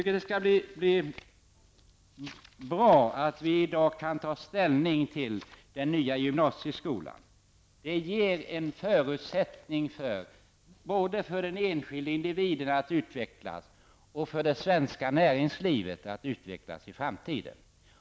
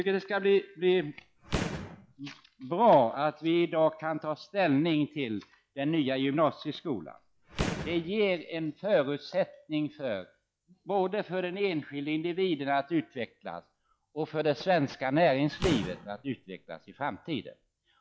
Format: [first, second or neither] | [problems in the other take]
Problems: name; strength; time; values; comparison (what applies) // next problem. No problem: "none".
first | noise reduction (classical method log-MMSE)